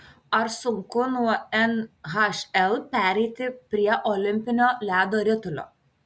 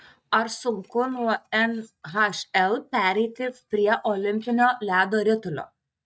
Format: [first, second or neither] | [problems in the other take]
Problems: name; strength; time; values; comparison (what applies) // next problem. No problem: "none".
first | noise reduction (neural mask model DeepFilterNet 3)